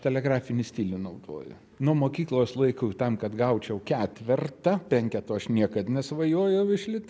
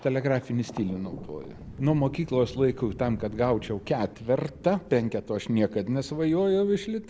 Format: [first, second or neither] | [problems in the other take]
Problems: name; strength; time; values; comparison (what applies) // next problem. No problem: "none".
first | background sound (Thunder); 17 dB below the speech